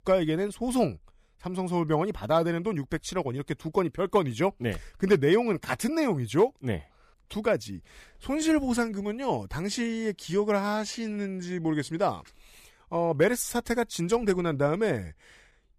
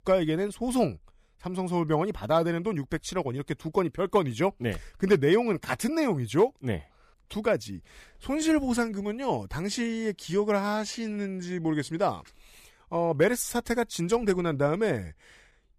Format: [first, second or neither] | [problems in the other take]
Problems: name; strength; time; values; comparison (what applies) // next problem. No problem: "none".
neither | none